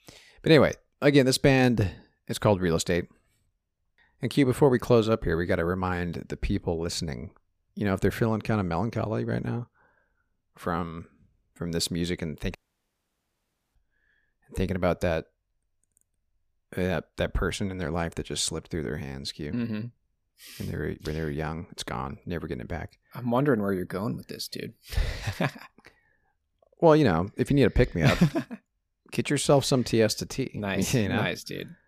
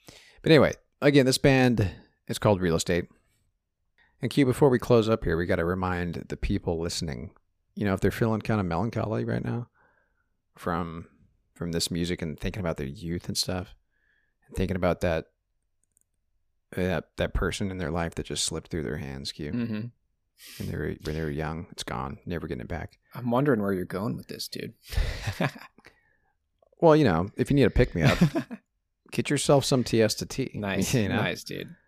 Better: second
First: audio cutting out; at 13 s for 1 s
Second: none

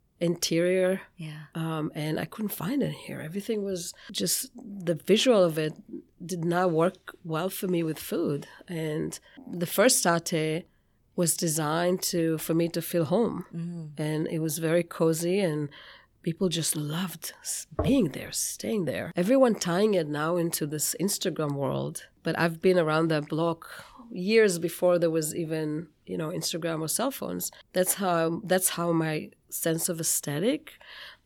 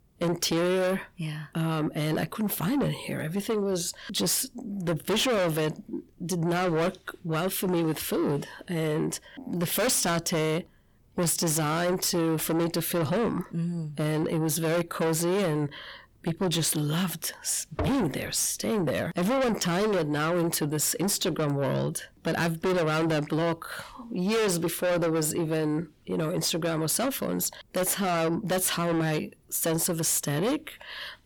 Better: first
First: none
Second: distortion; heavy; 6 dB below the speech

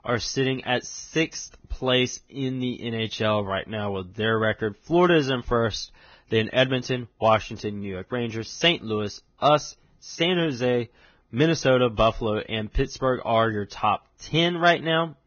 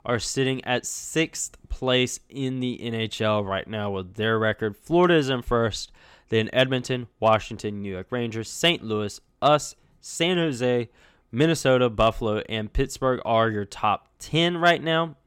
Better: second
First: garbled, watery; badly; nothing above 6.5 kHz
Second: none

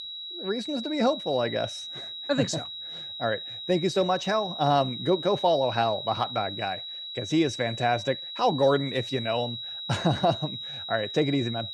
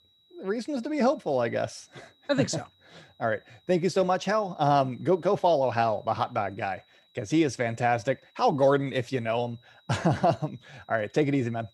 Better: second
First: high-pitched whine; loud; throughout; 4 kHz, 7 dB below the speech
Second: high-pitched whine; faint; throughout; 4 kHz, 35 dB below the speech

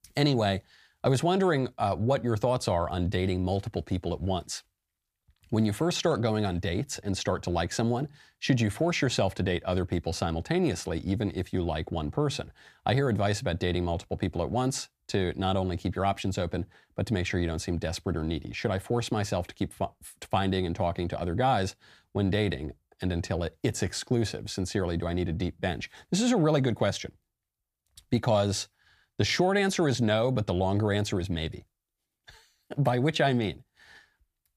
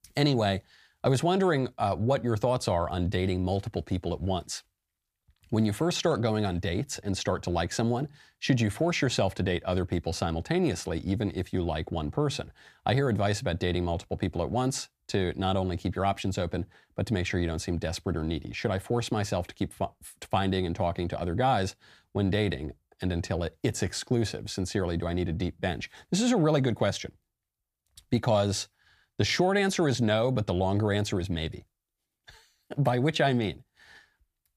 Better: neither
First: none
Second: none

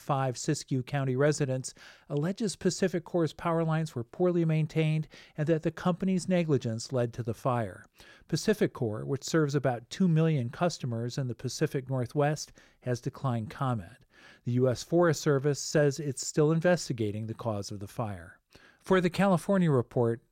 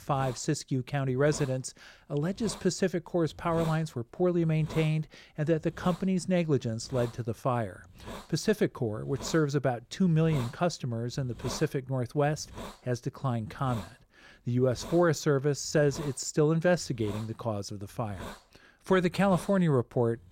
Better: first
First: none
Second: hiss; noticeable; throughout; 15 dB below the speech

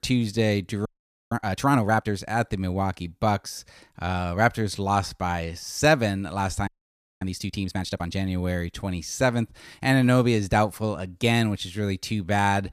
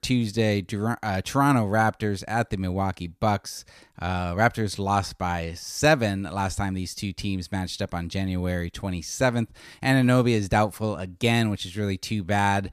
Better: second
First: audio freezing; at 1 s and at 6.5 s for 0.5 s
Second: none

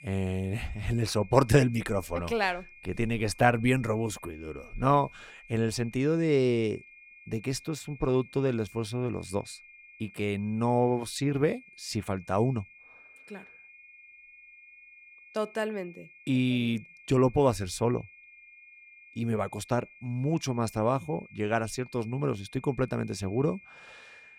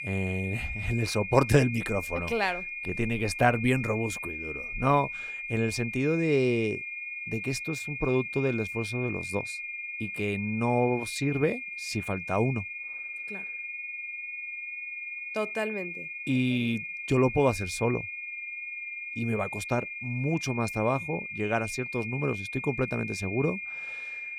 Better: first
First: high-pitched whine; faint; throughout; 2.5 kHz, 20 dB below the speech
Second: high-pitched whine; loud; throughout; 2.5 kHz, 6 dB below the speech

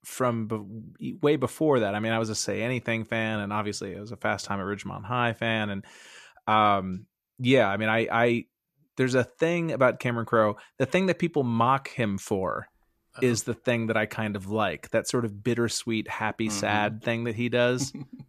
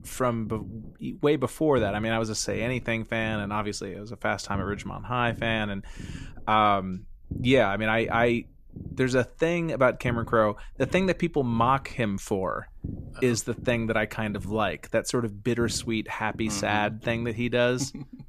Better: first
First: none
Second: low rumble; faint; throughout; 25 dB below the speech

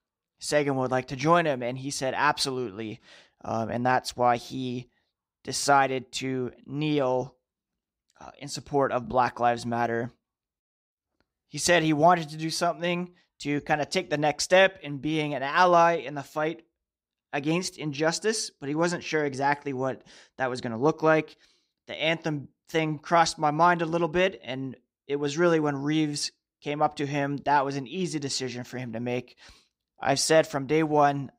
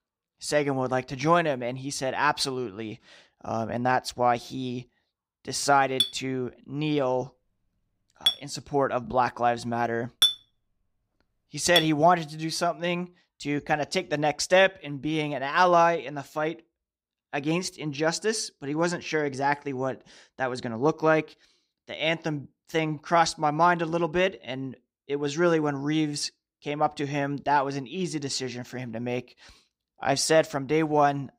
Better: first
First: none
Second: clattering dishes; loud; from 6 to 12 s; peak 4 dB above the speech

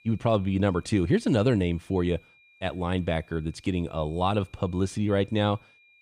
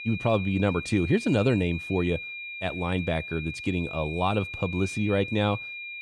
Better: first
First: high-pitched whine; faint; throughout; 2.5 kHz, 30 dB below the speech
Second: high-pitched whine; loud; throughout; 2.5 kHz, 8 dB below the speech

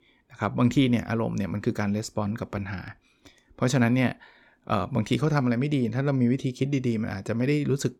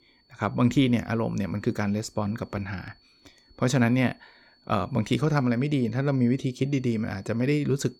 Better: first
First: none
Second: high-pitched whine; faint; throughout; 4.5 kHz, 35 dB below the speech

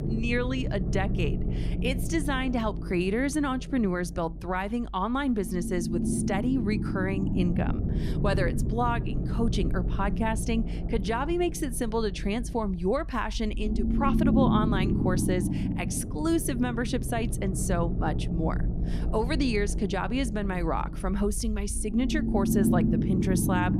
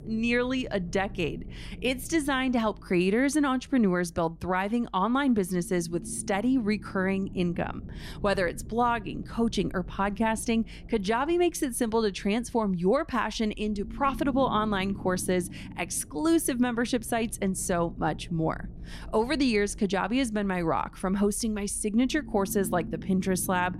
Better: second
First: low rumble; loud; throughout; 6 dB below the speech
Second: low rumble; faint; throughout; 20 dB below the speech

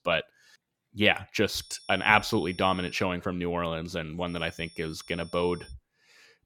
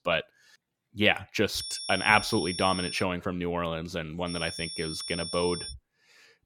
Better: first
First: high-pitched whine; faint; from 1.5 to 3 s and from 4.5 to 5.5 s; 5.5 kHz, 25 dB below the speech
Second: high-pitched whine; loud; from 1.5 to 3 s and from 4.5 to 5.5 s; 5.5 kHz, 7 dB below the speech

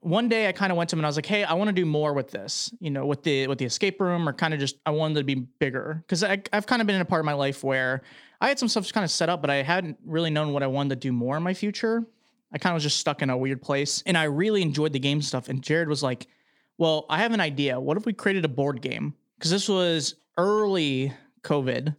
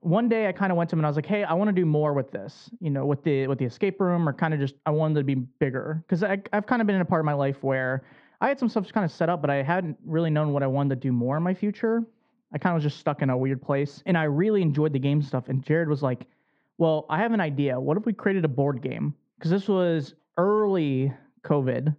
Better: first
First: none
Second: muffled; very; fading above 1.5 kHz

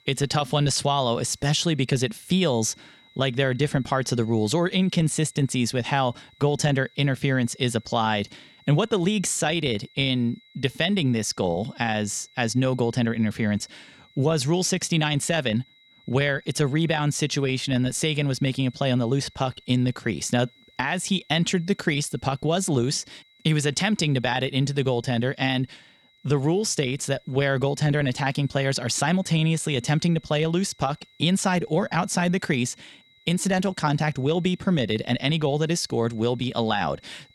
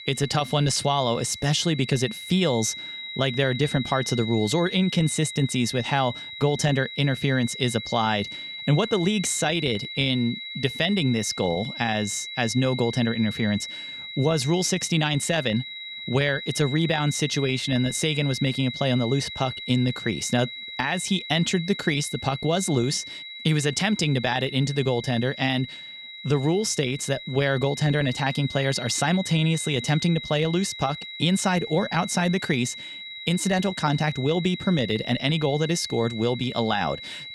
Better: first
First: high-pitched whine; faint; throughout; 4 kHz, 30 dB below the speech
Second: high-pitched whine; loud; throughout; 4 kHz, 10 dB below the speech

